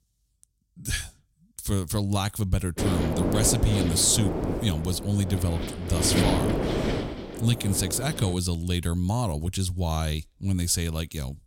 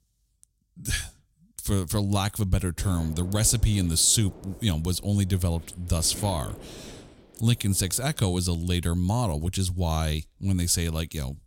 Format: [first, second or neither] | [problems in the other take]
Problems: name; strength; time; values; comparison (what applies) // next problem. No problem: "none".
second | wind noise on the microphone; heavy; from 3 to 8.5 s; 2 dB below the speech; occasional gusts in the second